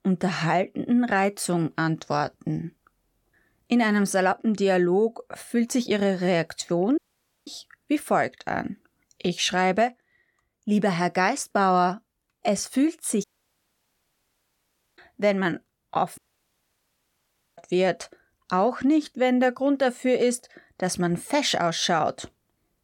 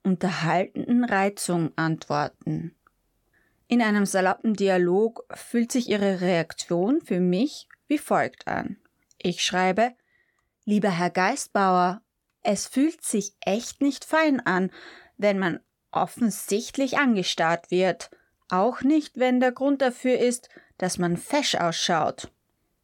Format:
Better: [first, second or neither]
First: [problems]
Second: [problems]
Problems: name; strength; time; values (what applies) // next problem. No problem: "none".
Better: second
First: audio cutting out; at 7 s, at 13 s for 1.5 s and at 16 s for 1.5 s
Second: none